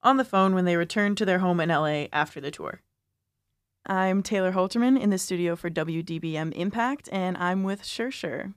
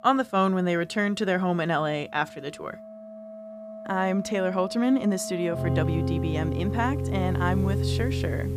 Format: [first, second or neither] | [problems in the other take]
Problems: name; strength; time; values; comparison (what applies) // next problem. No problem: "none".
first | background music; loud; throughout; 3 dB below the speech